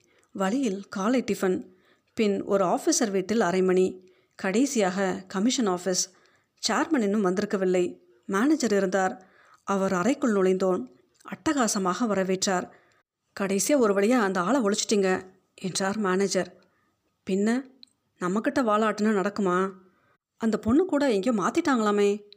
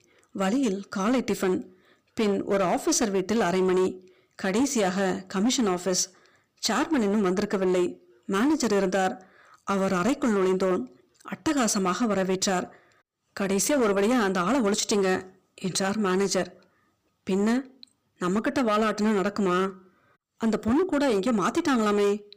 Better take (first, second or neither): first